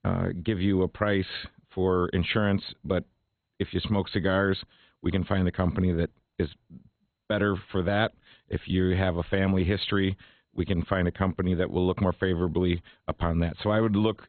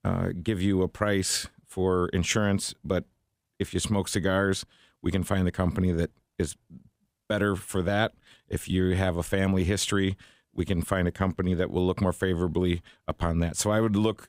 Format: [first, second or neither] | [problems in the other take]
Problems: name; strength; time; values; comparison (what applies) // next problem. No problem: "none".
second | garbled, watery; badly; nothing above 4 kHz